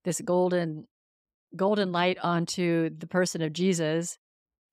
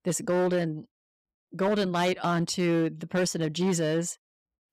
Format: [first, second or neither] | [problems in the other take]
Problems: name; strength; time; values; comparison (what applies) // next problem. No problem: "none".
first | distortion; slight; 8% of the sound clipped